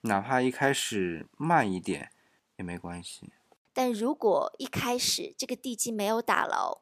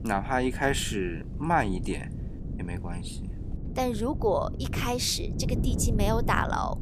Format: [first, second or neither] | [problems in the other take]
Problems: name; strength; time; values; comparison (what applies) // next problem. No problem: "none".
first | wind noise on the microphone; occasional gusts; 15 dB below the speech